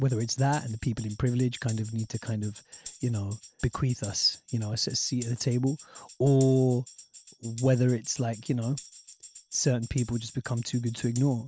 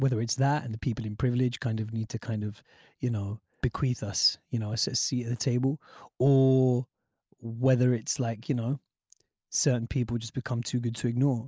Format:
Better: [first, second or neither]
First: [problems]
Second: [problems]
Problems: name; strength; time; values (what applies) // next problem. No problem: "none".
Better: second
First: background sound (Tambourine); 19 dB below the speech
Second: none